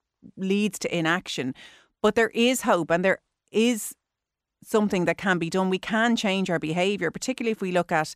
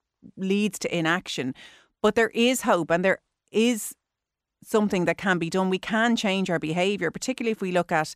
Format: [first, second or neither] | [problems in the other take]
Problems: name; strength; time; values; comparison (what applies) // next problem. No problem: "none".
neither | none